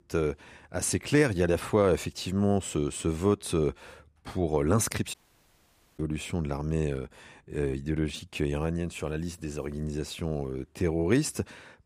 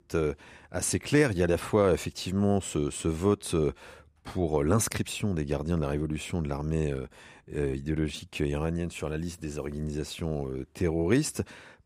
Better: second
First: audio cutting out; at 5 s for 1 s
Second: none

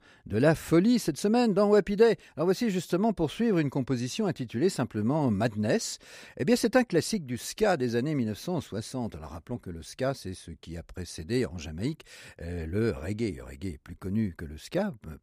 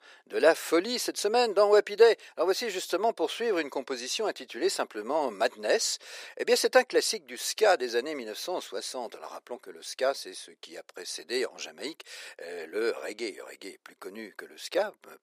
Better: first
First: none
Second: thin; very; fading below 400 Hz

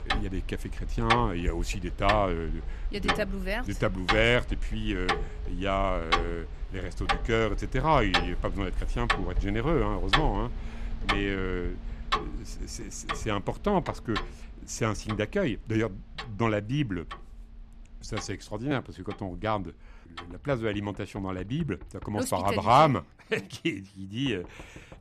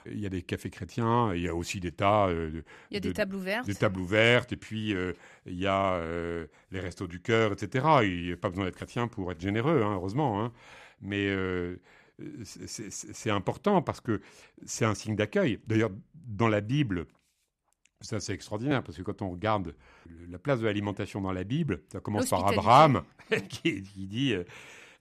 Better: second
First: household noises; loud; throughout; 4 dB below the speech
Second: none

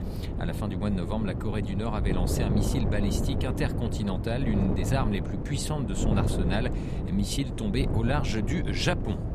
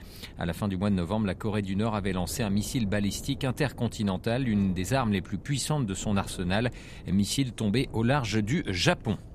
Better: second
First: wind noise on the microphone; heavy; 4 dB below the speech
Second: wind noise on the microphone; occasional gusts; 20 dB below the speech

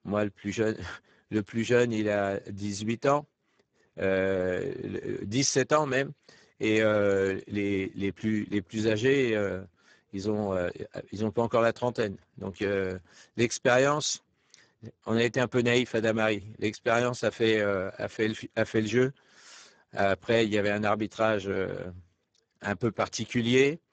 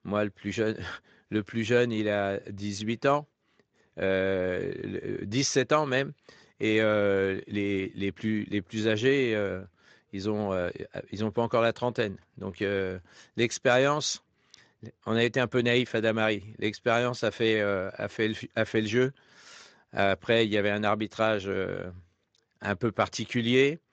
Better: second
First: garbled, watery; badly; nothing above 7.5 kHz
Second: garbled, watery; slightly

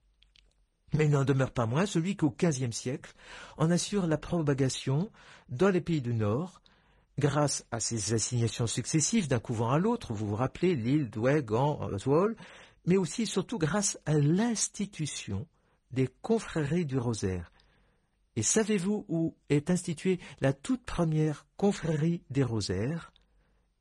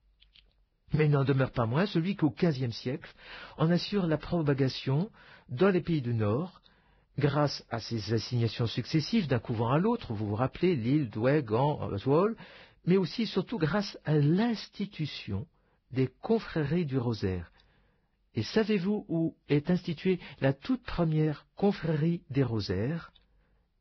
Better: first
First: garbled, watery; slightly; nothing above 10 kHz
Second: garbled, watery; badly; nothing above 5.5 kHz

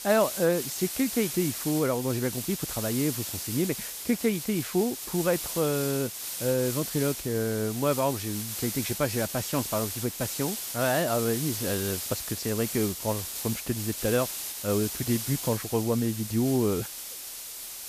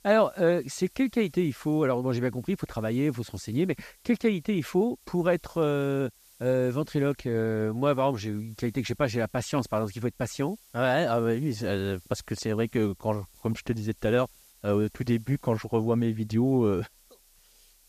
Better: second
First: hiss; loud; throughout; 4 dB below the speech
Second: hiss; faint; throughout; 25 dB below the speech

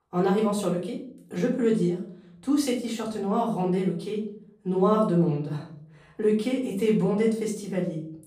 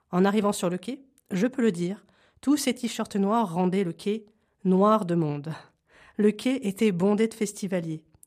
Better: second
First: off-mic speech; far // room echo; slight; dies away in 0.5 s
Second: none

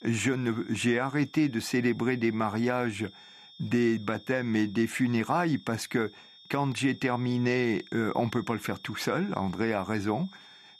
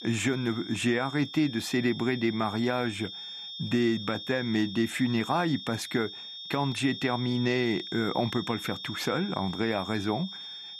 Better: first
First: high-pitched whine; faint; throughout; 3.5 kHz, 20 dB below the speech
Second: high-pitched whine; loud; throughout; 3.5 kHz, 9 dB below the speech

